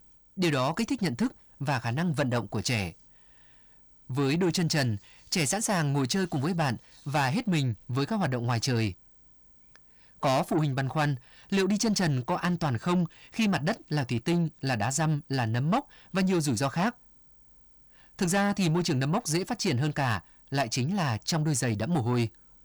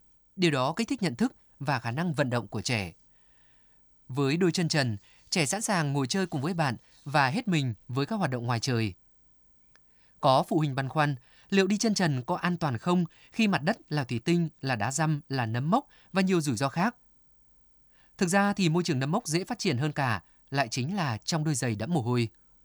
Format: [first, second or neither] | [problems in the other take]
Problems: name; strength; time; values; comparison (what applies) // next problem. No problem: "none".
second | distortion; slight; 10 dB below the speech